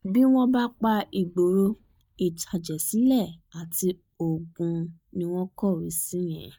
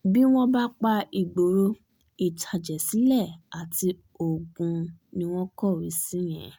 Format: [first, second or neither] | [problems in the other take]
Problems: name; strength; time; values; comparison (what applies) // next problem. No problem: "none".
second | noise reduction (neural mask model DeepFilterNet 3)